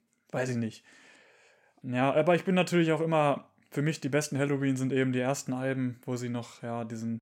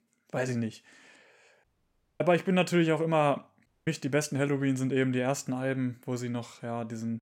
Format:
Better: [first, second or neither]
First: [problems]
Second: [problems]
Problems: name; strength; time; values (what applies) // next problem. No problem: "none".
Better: first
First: none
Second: audio cutting out; at 1.5 s for 0.5 s and at 3.5 s